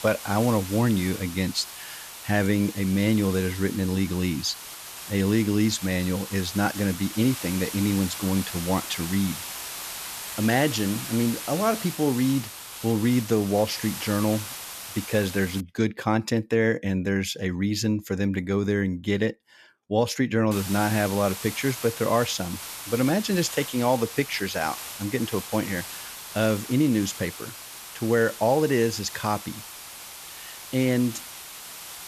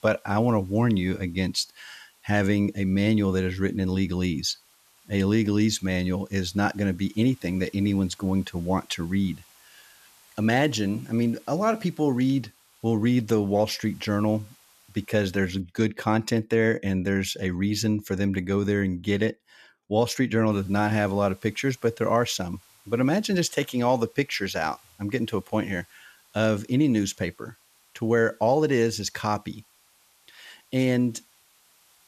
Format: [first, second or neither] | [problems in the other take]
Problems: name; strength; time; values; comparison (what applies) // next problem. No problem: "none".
second | hiss; loud; until 16 s and from 21 s on; 10 dB below the speech; faint in the second